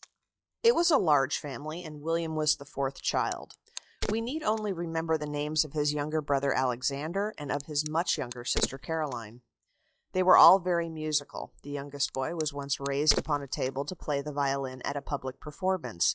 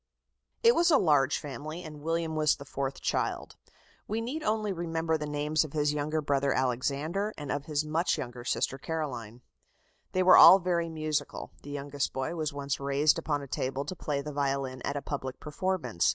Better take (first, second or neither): second